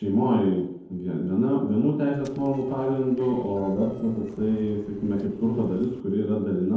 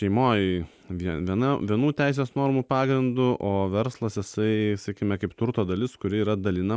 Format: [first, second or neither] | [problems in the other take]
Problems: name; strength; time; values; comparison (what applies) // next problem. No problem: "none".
second | noise reduction (neural separator model SepFormer DNS4)